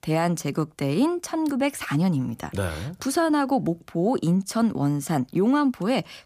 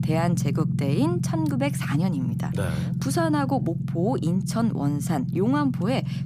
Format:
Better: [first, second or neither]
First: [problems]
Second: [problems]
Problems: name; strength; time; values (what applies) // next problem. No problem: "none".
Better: first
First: none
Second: low rumble; loud; throughout; 9 dB below the speech